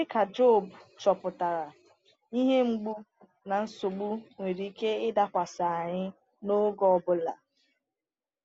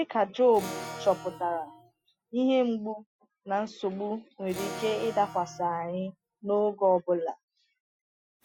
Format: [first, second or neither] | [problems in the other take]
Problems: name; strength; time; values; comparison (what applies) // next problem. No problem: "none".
first | noise reduction (classical method Wiener filter)